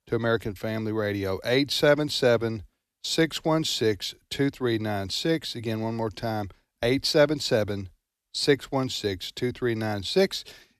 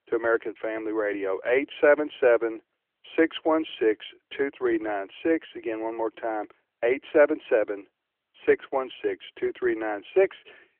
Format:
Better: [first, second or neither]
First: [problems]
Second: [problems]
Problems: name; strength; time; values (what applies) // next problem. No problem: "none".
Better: first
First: none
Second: phone-call audio; nothing above 3.5 kHz